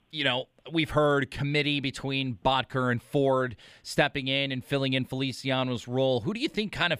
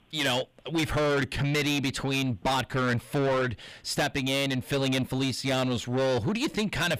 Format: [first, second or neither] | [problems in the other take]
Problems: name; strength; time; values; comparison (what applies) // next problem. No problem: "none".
first | distortion; heavy; 6 dB below the speech